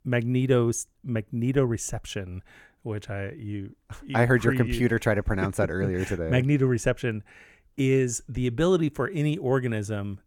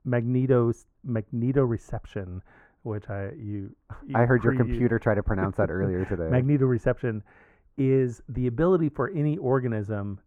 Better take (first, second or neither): first